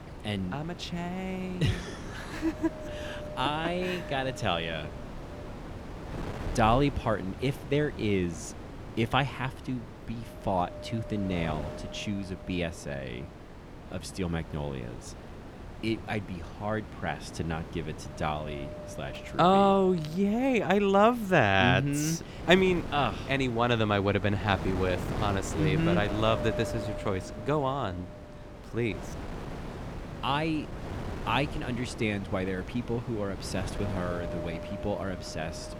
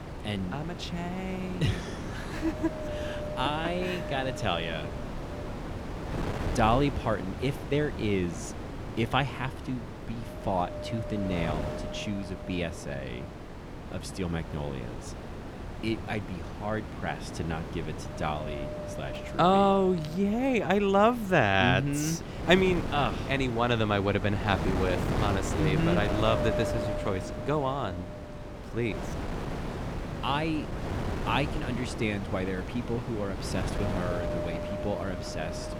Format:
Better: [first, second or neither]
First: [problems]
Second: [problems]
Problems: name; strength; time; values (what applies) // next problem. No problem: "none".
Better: first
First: wind noise on the microphone; occasional gusts; 10 dB below the speech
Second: wind noise on the microphone; heavy; 8 dB below the speech